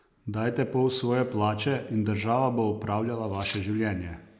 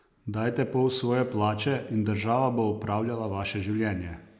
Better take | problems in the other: second | background sound (Cutlery, silverware); 17 dB below the speech

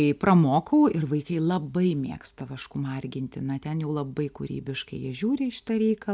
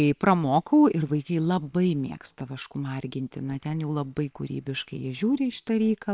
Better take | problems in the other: first | noise reduction (neural separator model SepFormer WHAM!)

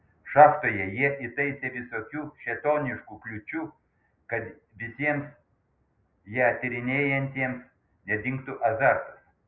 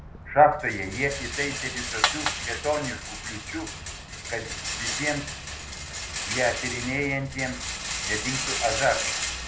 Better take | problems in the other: first | background sound (Rattle); 3 dB below the speech

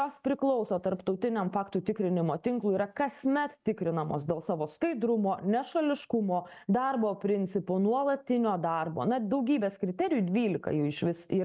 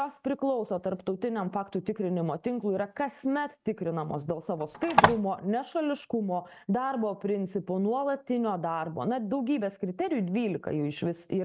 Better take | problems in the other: first | background sound (Telephone); 3 dB above the speech

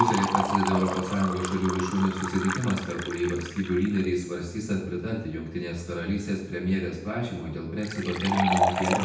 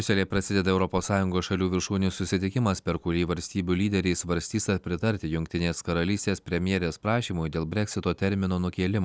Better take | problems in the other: second | background sound (Liquid); 4 dB below the speech // room echo; dies away in 0.8 s

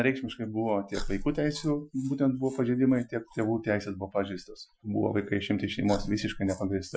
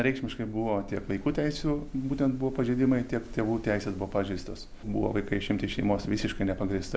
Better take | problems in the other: second | noise reduction (classical method Wiener filter)

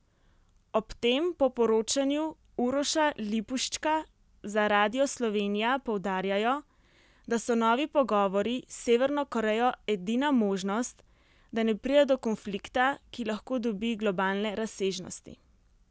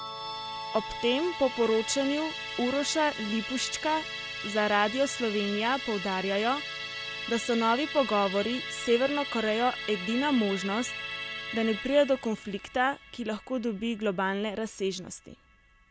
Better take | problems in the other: first | background sound (Musical instrument); 9 dB below the speech

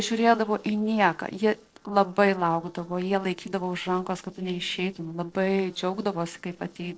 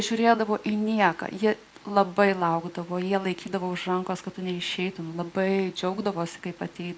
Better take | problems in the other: second | noise reduction (neural separator model SepFormer DNS4)

